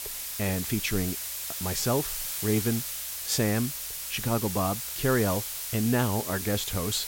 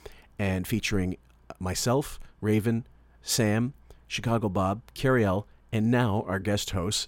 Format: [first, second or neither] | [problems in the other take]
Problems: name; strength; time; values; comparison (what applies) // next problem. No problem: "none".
second | hiss; loud; throughout; 3 dB below the speech